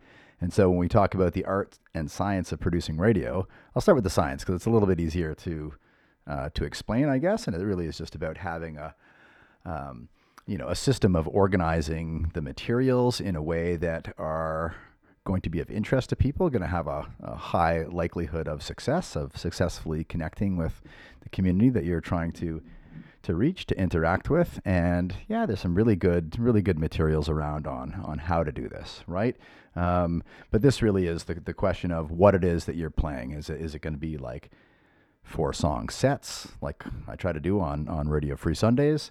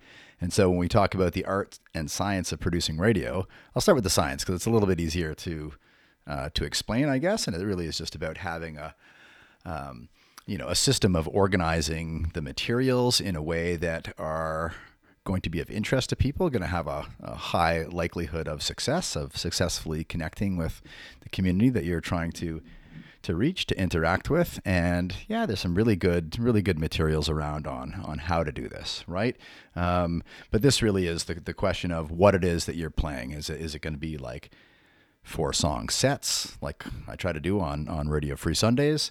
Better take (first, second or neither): second